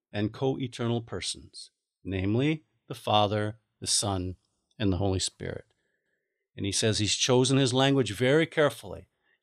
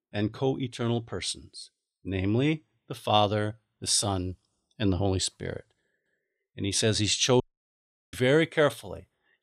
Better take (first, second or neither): first